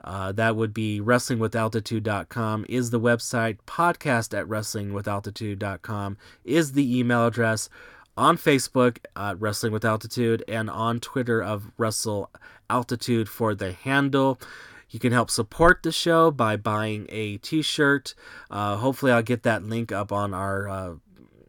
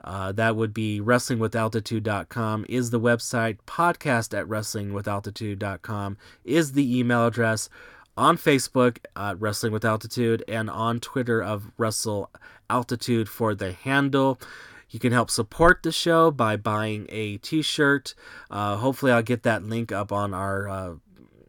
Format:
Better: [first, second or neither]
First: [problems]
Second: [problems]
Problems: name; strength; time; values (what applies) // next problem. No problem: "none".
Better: neither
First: none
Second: none